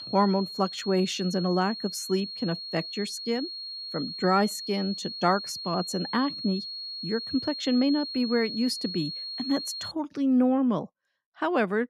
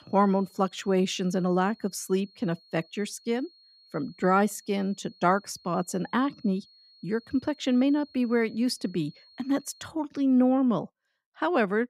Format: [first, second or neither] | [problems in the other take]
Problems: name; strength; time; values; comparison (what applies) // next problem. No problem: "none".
second | high-pitched whine; loud; until 10 s; 4.5 kHz, 7 dB below the speech; faint in the second